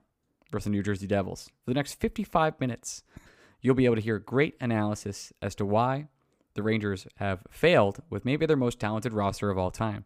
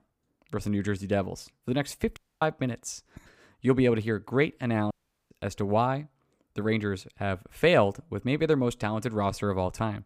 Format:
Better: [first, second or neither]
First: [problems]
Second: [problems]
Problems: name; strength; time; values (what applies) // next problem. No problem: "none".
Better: first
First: none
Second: audio cutting out; at 2 s and at 5 s